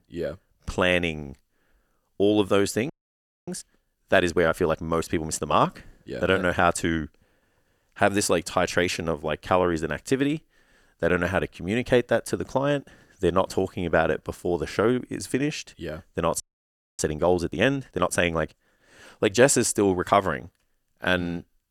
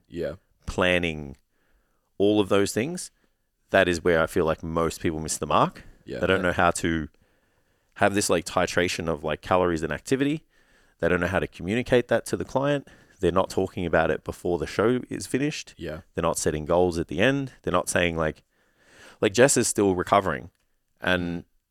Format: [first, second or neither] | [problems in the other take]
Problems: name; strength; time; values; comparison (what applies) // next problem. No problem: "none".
second | audio freezing; at 3 s for 0.5 s and at 16 s for 0.5 s